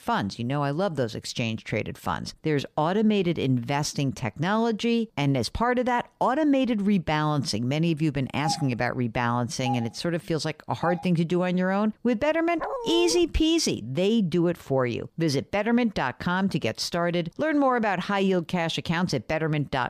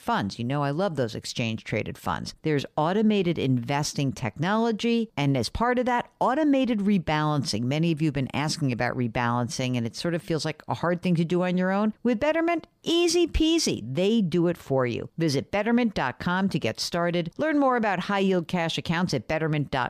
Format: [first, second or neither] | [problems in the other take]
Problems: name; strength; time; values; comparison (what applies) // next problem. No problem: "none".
second | doorbell; noticeable; from 8.5 to 11 s; peak 8 dB below the speech // dog barking; noticeable; at 13 s; peak 5 dB below the speech